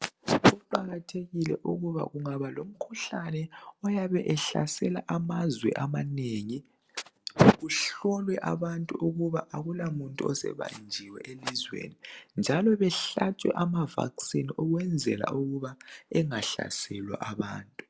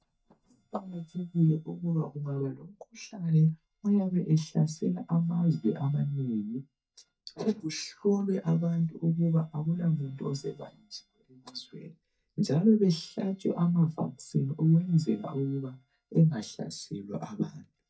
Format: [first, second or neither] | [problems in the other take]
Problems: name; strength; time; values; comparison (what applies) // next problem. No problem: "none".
first | noise reduction (neural mask model DeepFilterNet 3)